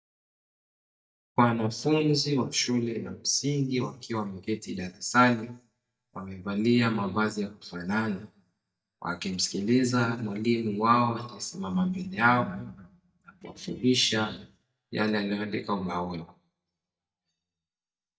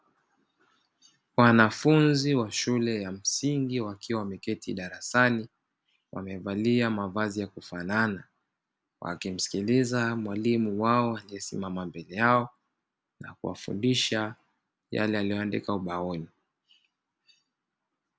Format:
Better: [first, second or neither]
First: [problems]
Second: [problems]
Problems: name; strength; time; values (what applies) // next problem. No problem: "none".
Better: second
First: noise reduction (neural mask model DeepFilterNet 3)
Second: none